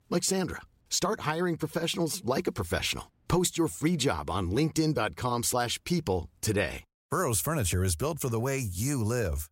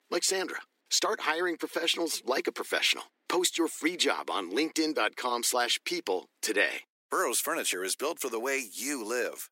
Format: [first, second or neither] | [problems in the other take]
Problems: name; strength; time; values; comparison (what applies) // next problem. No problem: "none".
first | thin; very; fading below 300 Hz